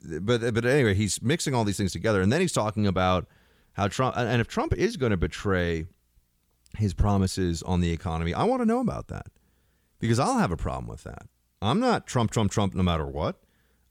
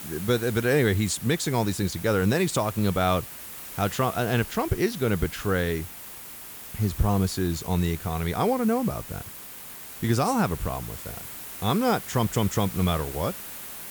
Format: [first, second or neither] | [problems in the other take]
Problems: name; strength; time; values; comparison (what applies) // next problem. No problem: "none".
first | hiss; noticeable; throughout; 10 dB below the speech